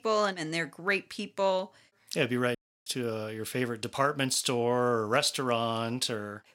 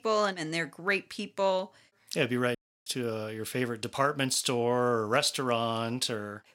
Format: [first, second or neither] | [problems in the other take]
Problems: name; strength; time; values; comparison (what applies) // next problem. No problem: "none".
neither | audio cutting out; at 2.5 s; the same in both